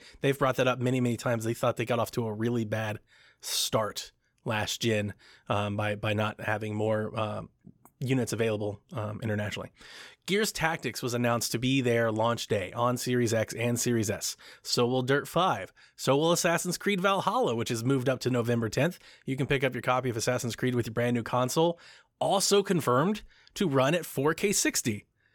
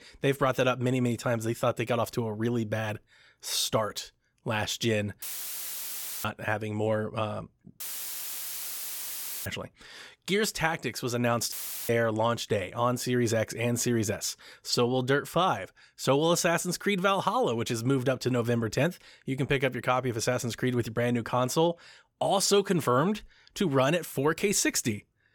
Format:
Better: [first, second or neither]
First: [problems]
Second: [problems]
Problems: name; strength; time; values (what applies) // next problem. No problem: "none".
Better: first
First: none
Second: audio cutting out; filled with static; at 5 s for 1 s, at 8 s for 1.5 s and at 12 s